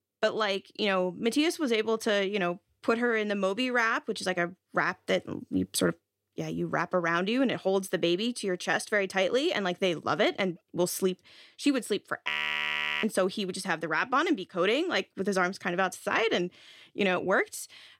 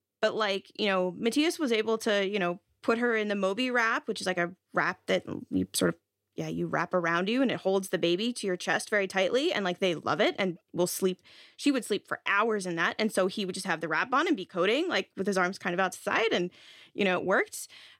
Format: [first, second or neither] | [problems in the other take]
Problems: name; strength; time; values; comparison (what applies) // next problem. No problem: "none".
second | audio freezing; at 12 s for 0.5 s